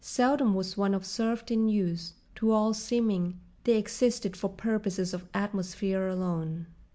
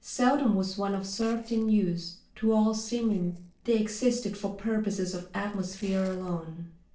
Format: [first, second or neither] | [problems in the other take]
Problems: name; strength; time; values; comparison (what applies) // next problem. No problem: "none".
first | noise reduction (neural separator model SepFormer DNS4)